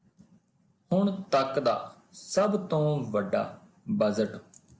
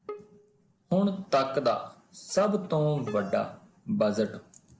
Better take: first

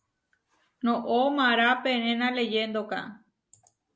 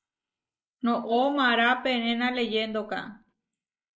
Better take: first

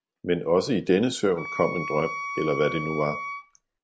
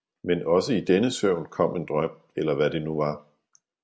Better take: second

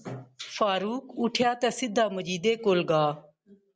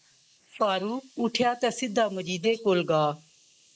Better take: first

